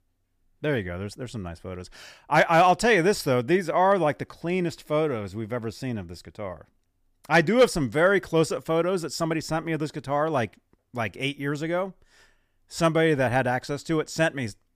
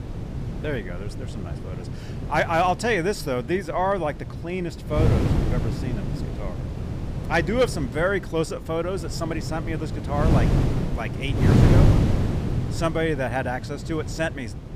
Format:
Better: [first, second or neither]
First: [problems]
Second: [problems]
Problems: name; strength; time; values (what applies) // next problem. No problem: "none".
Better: first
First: none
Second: wind noise on the microphone; heavy; 7 dB below the speech